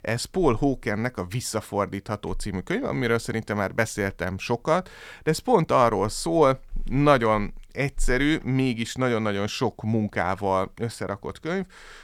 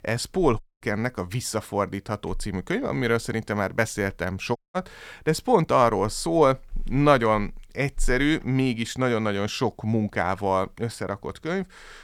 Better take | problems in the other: first | audio cutting out; at 0.5 s and at 4.5 s

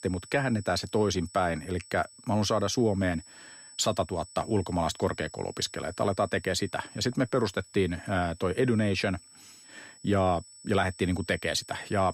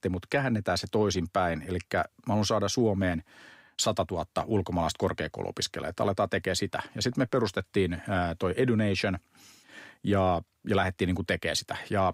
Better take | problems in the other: second | high-pitched whine; noticeable; throughout; 8 kHz, 20 dB below the speech

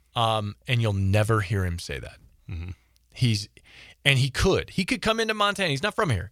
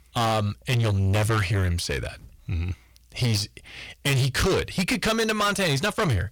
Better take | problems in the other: first | distortion; heavy; 6 dB below the speech

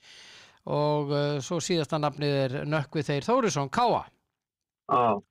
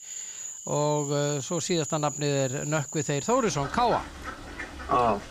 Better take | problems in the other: first | animal sounds; loud; throughout; 9 dB below the speech

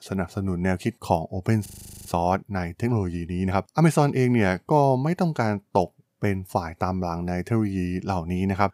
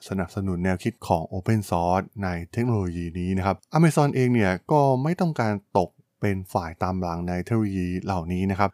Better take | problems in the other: second | audio freezing; at 1.5 s

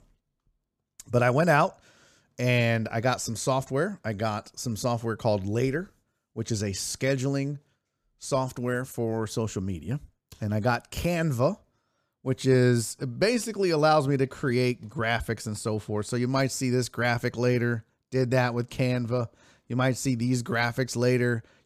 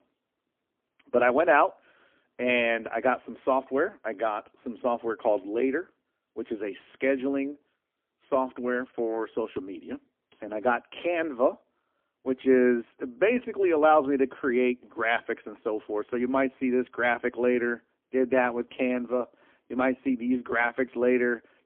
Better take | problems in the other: first | phone-call audio; poor line

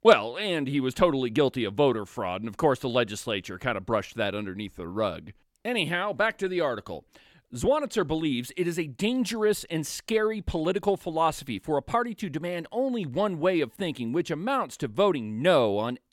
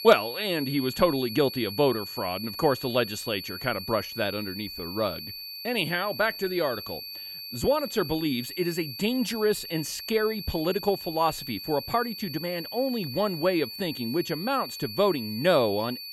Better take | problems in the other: first | high-pitched whine; loud; throughout; 4.5 kHz, 8 dB below the speech

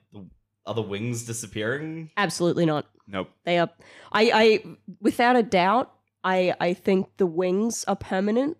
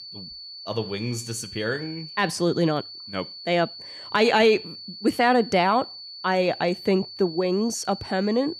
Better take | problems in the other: first | high-pitched whine; noticeable; throughout; 4.5 kHz, 15 dB below the speech

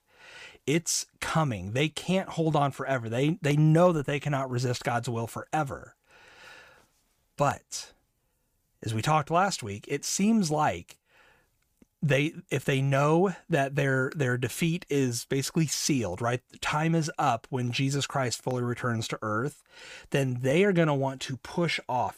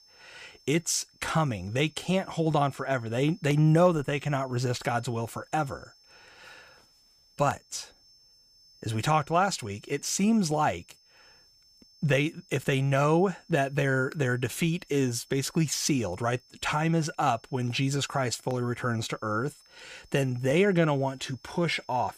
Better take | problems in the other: first | high-pitched whine; faint; throughout; 5.5 kHz, 30 dB below the speech

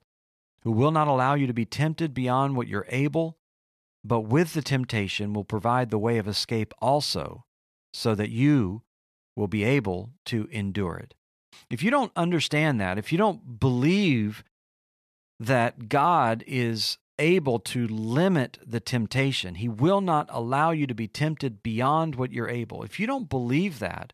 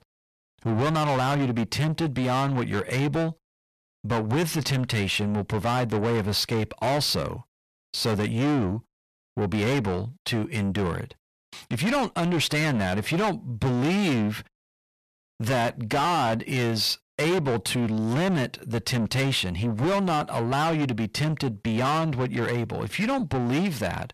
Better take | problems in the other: first | distortion; heavy; 6 dB below the speech

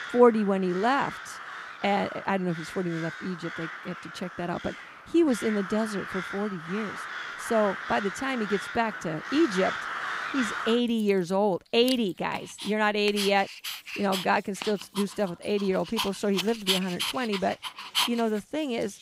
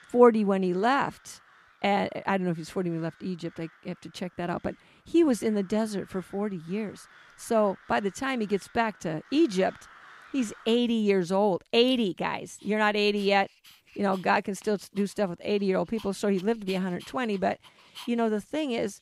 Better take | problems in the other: second | animal sounds; loud; throughout; 7 dB below the speech; faint in the second

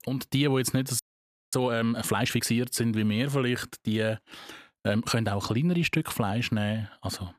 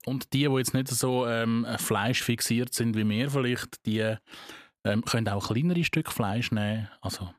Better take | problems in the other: second | audio freezing; at 1 s for 0.5 s

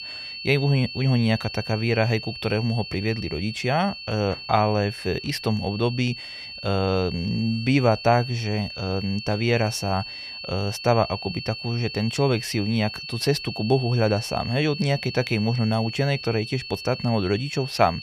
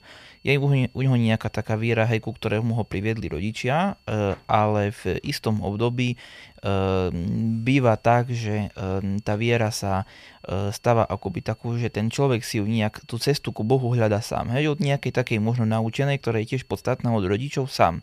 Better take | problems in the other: second | high-pitched whine; loud; throughout; 4.5 kHz, 9 dB below the speech; faint in the second

